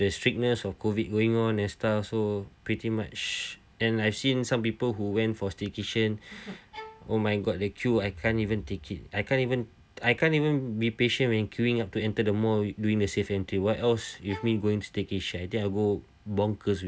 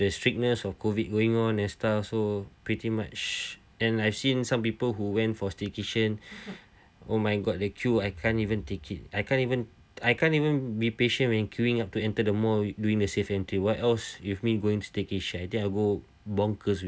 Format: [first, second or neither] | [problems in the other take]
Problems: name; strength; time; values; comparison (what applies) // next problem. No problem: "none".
second | background sound (Bowed string instrument); 20 dB below the speech